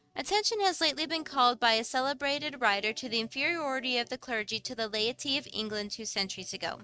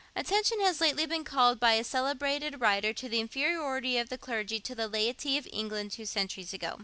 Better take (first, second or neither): second